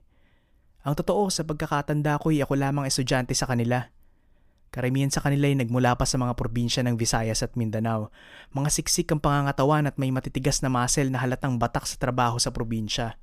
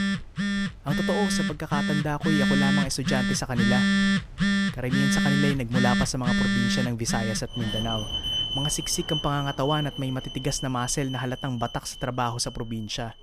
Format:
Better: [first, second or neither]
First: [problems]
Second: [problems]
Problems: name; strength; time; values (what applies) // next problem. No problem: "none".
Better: first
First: none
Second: alarms or sirens; very loud; throughout; 3 dB above the speech